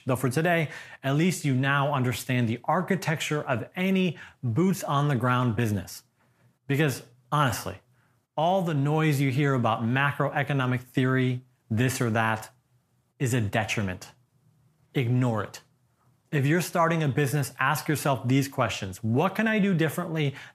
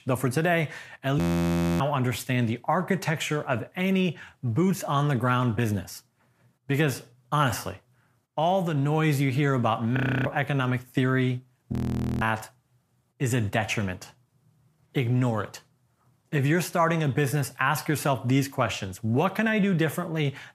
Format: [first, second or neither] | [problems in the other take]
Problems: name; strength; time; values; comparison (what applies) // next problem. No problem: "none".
first | audio freezing; at 1 s for 0.5 s, at 10 s and at 12 s